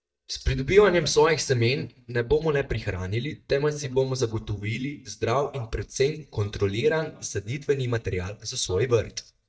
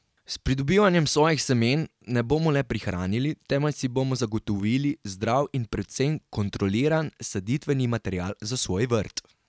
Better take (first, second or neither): second